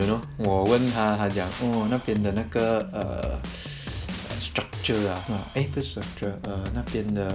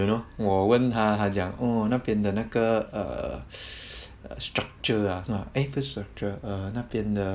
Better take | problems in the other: second | background sound (Drum kit); 9 dB below the speech

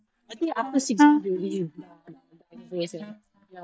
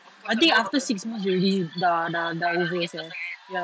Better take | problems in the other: second | noise reduction (neural mask model DeepFilterNet 3)

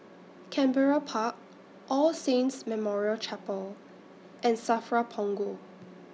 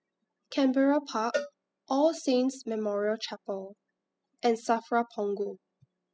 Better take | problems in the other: first | noise reduction (classical method spectral subtraction)

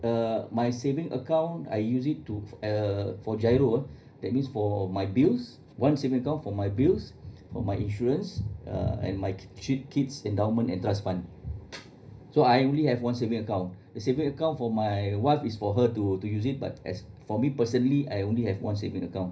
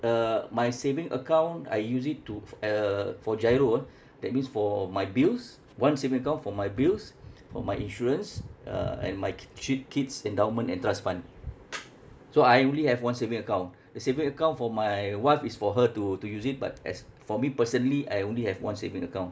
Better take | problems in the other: second | room echo; dies away in 0.5 s

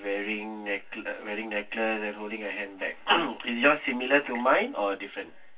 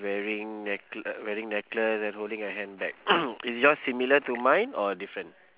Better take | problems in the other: second | room echo; dies away in 0.2 s

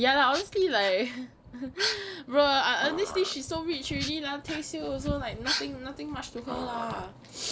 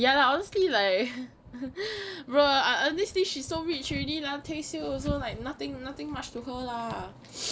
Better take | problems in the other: second | background sound (Dog); 10 dB below the speech

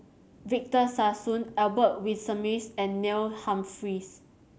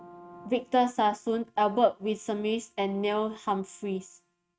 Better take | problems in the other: first | noise reduction (neural mask model RNNoise)

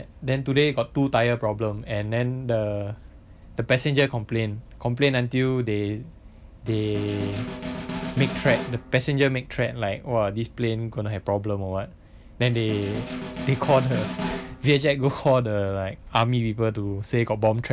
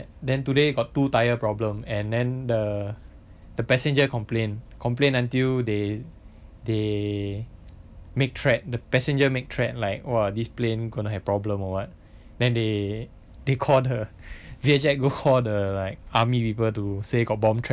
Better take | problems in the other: second | background sound (Snare drum); 9 dB below the speech

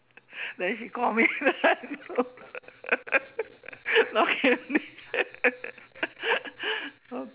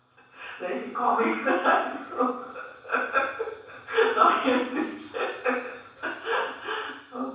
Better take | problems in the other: first | room echo; dies away in 0.7 s

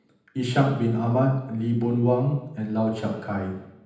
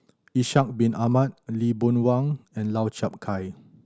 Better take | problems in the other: second | room echo; dies away in 0.9 s

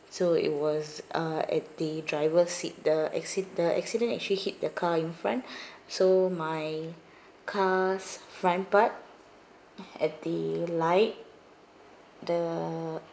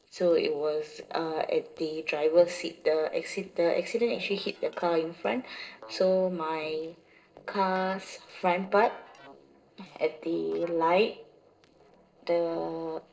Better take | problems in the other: first | noise reduction (neural separator model SepFormer DNS4)

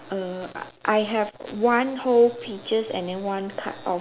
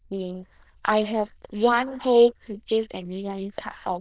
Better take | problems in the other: first | noise reduction (neural diffusion model UNIVERSE++)

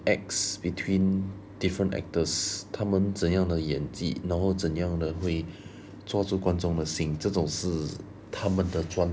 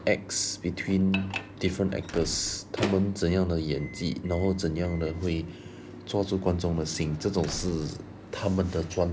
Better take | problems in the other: first | background sound (Slam + Microwave oven); 14 dB below the speech

